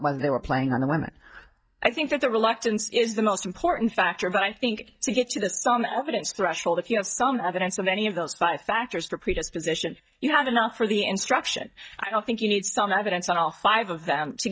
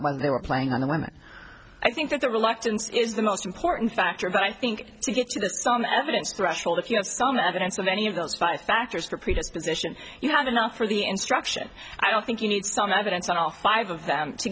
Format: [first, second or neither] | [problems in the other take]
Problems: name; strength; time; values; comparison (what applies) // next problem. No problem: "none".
second | noise reduction (neural mask model DeepFilterNet 3)